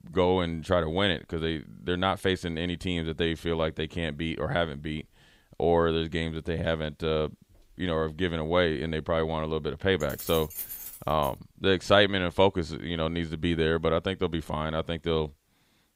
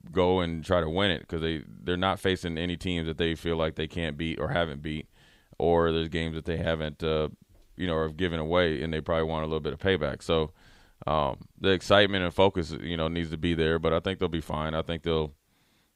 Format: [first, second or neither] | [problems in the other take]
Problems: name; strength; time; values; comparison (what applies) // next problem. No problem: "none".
second | jangling keys; noticeable; from 10 to 11 s; peak 7 dB below the speech